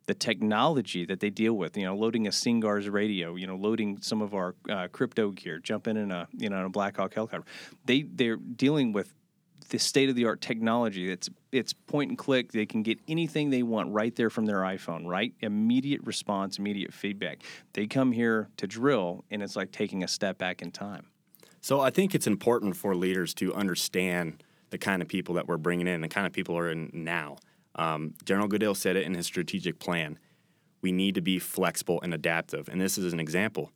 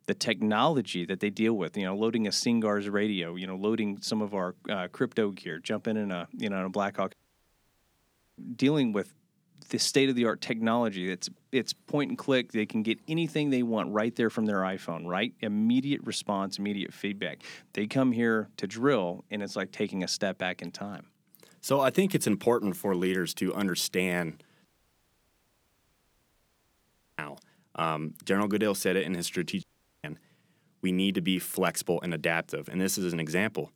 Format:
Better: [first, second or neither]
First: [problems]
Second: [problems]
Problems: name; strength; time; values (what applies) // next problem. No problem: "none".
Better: first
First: none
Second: audio cutting out; at 7 s for 1.5 s, at 25 s for 2.5 s and at 30 s